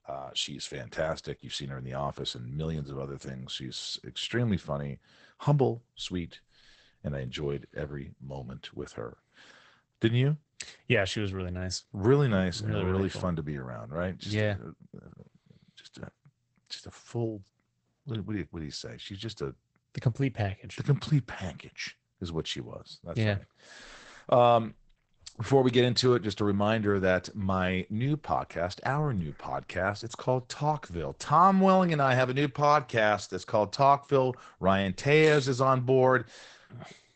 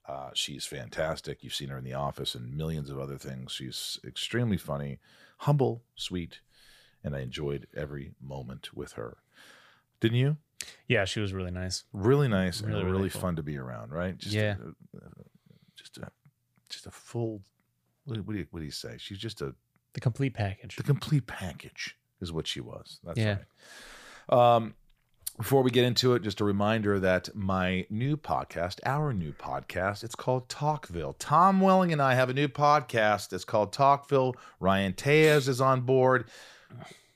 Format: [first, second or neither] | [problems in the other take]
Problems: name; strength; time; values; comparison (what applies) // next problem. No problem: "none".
second | garbled, watery; badly; nothing above 8 kHz